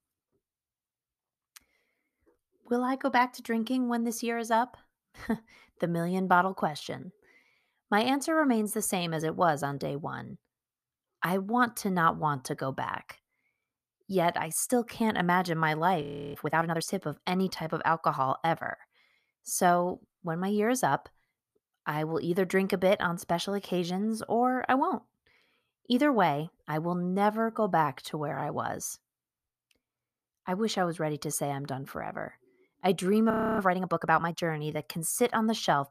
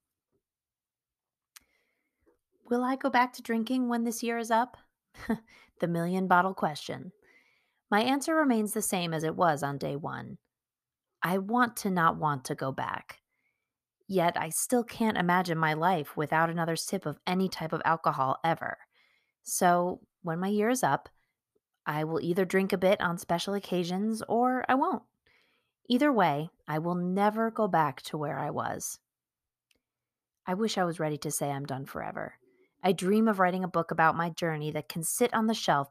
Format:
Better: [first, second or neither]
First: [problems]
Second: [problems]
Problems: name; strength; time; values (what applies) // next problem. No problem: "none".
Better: second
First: audio freezing; at 16 s and at 33 s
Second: none